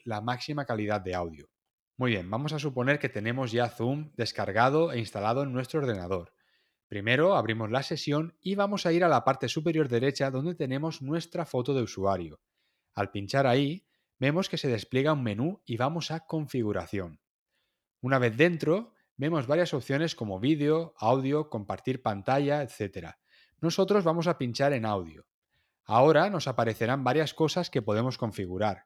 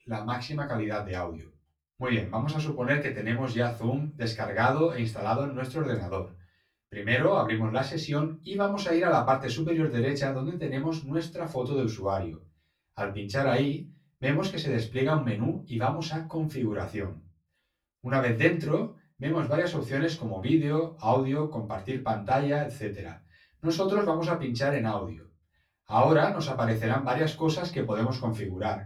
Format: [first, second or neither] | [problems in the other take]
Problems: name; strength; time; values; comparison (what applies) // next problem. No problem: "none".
first | off-mic speech; far // room echo; very slight; dies away in 0.3 s